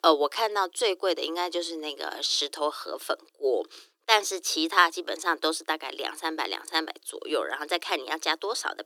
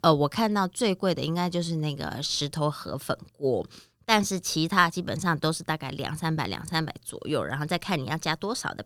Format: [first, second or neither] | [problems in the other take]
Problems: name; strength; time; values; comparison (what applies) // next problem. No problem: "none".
second | thin; very; fading below 300 Hz